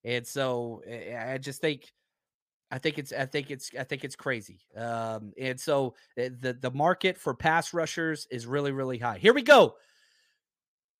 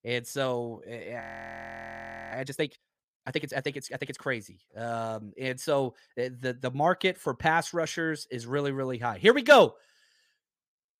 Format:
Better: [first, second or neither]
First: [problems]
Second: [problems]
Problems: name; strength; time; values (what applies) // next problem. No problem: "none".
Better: first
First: none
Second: audio freezing; at 1 s for 1 s